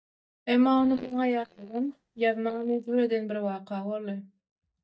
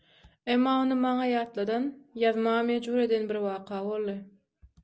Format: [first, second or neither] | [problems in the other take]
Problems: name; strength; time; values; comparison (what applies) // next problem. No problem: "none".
second | noise reduction (neural mask model DeepFilterNet 3)